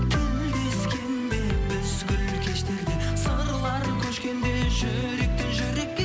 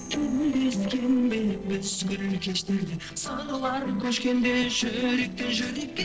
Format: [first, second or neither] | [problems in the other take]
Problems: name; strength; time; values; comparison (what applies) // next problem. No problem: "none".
first | noise reduction (neural separator model SepFormer DNS4)